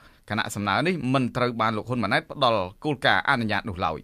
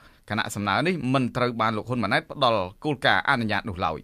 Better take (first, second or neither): neither